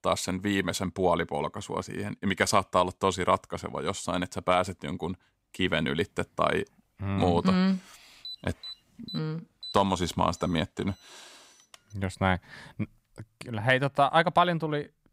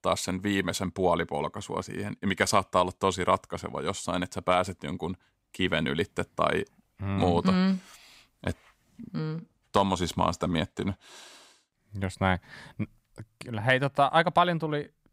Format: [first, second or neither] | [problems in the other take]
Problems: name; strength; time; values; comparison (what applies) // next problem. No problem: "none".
second | alarm; faint; from 8 to 12 s; peak 15 dB below the speech